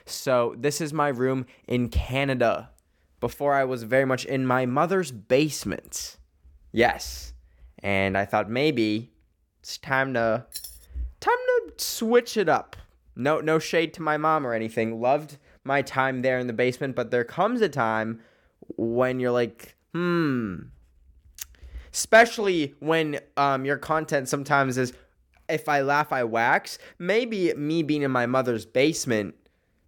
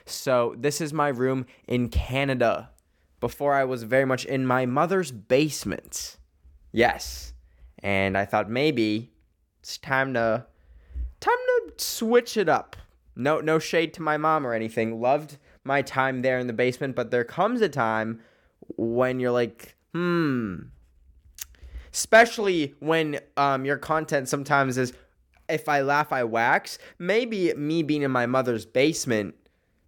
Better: second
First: jangling keys; faint; at 11 s; peak 15 dB below the speech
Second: none

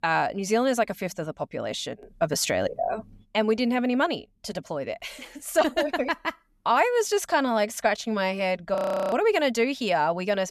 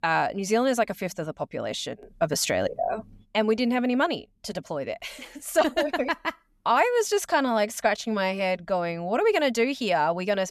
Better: second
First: audio freezing; at 9 s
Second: none

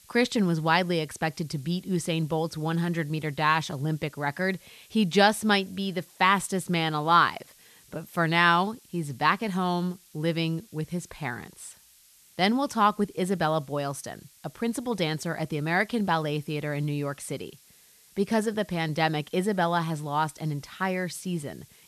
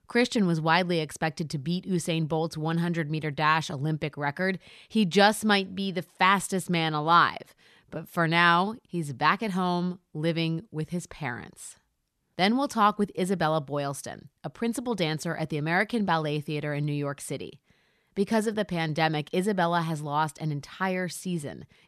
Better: second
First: hiss; faint; throughout; 25 dB below the speech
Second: none

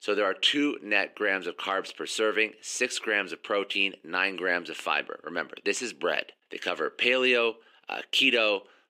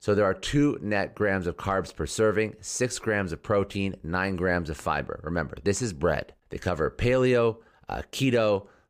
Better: second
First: thin; very slightly; fading below 300 Hz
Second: none

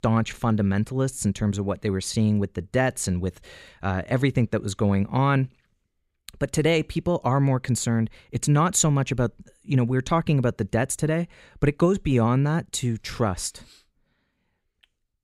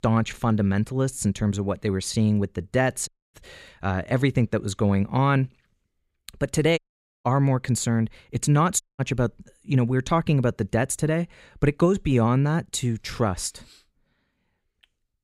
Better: first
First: none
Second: audio cutting out; at 3 s, at 7 s and at 9 s

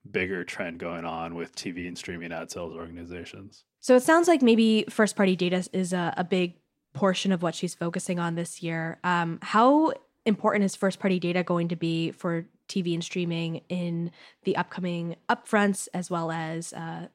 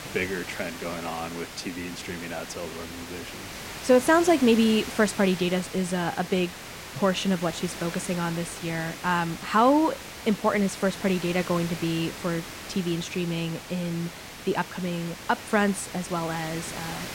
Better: first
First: none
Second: hiss; noticeable; throughout; 10 dB below the speech

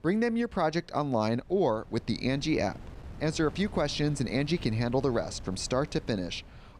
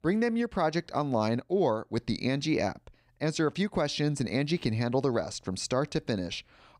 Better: second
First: wind noise on the microphone; occasional gusts; 20 dB below the speech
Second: none

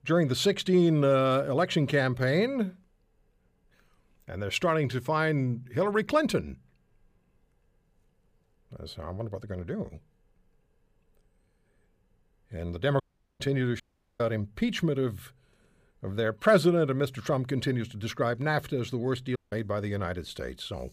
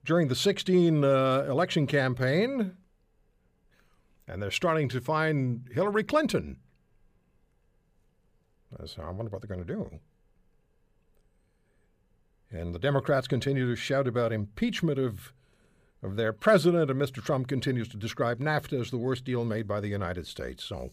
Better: second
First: audio cutting out; at 13 s, at 14 s and at 19 s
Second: none

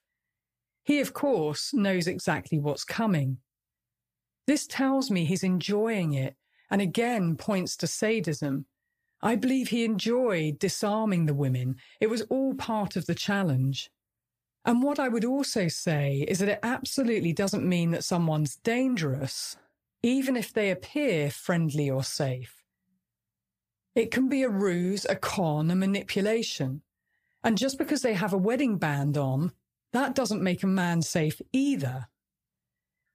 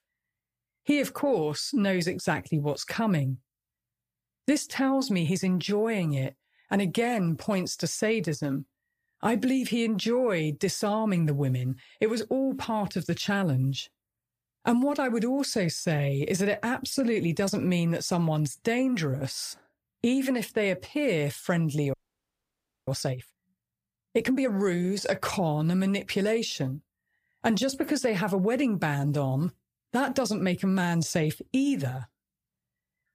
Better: first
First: none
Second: audio freezing; at 22 s for 1 s

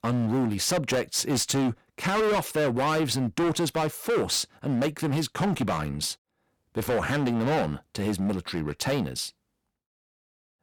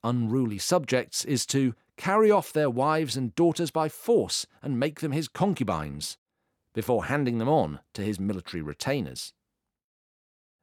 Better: second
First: distortion; heavy; 18% of the sound clipped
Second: none

